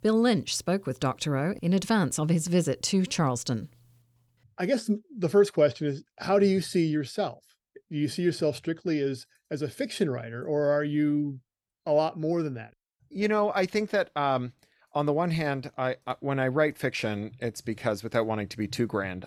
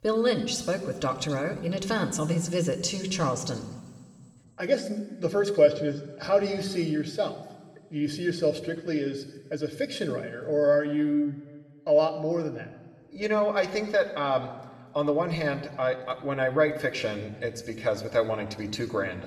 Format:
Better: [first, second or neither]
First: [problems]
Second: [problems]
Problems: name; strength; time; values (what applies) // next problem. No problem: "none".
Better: first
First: none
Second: room echo; slight; dies away in 1.7 s